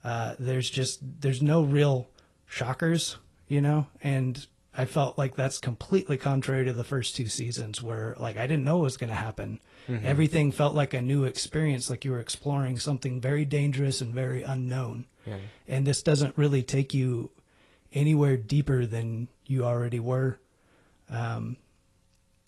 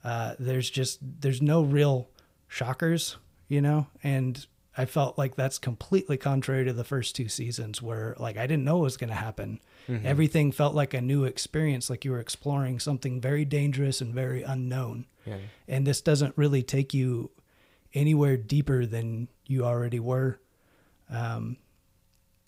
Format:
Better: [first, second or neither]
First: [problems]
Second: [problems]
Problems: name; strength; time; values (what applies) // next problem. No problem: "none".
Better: second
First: garbled, watery; slightly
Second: none